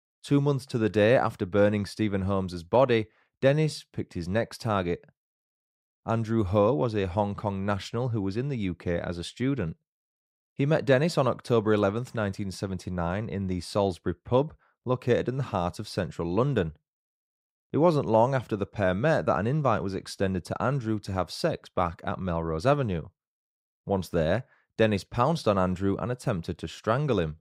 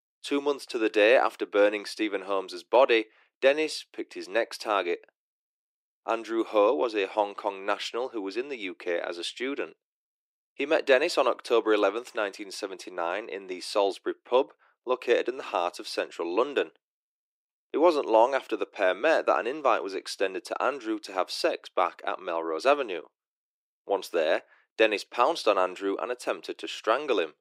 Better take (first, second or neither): first